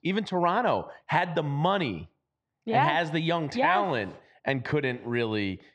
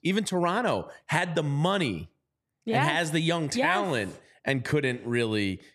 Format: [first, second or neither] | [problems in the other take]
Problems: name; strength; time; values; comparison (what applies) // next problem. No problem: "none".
second | muffled; slightly; fading above 4.5 kHz